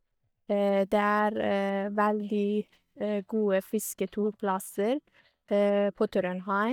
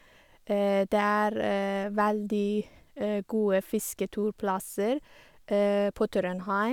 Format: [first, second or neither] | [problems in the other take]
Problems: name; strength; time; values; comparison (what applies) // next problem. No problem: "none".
second | noise reduction (neural mask model DeepFilterNet 3)